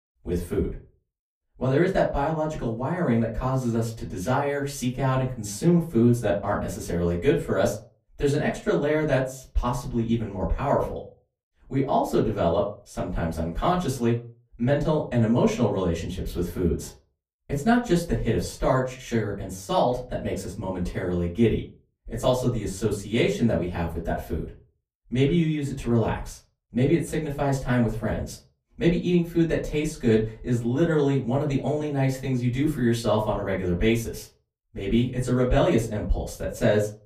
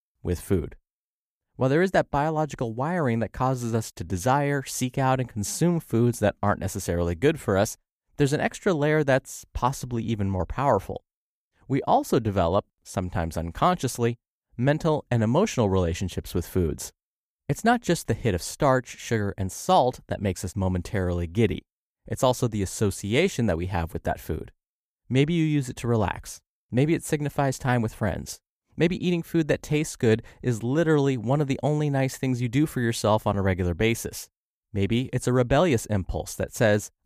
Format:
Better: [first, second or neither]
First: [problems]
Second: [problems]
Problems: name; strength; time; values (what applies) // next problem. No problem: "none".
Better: second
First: off-mic speech; far // room echo; very slight; dies away in 0.3 s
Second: none